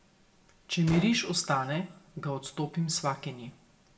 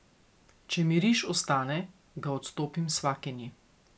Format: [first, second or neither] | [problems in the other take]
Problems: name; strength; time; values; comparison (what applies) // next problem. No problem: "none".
second | background sound (Gunshot, gunfire); 14 dB below the speech // room echo; dies away in 0.5 s